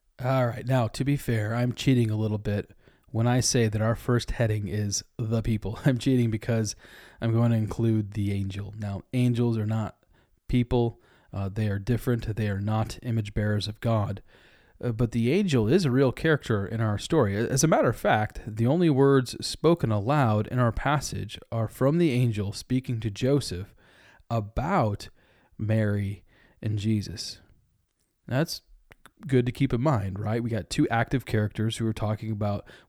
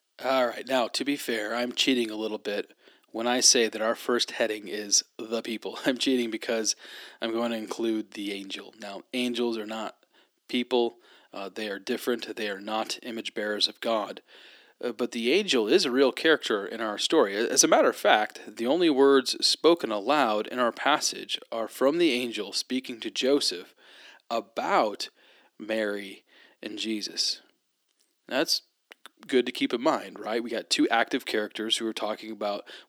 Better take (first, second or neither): first